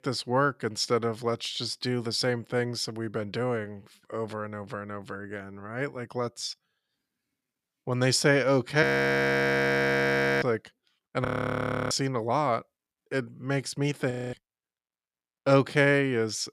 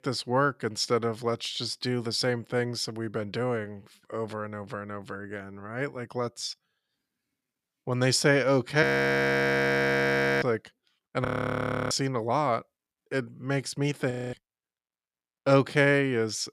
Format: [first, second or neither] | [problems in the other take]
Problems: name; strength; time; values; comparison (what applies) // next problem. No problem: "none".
neither | audio freezing; at 9 s for 1.5 s, at 11 s for 0.5 s and at 14 s; the same in both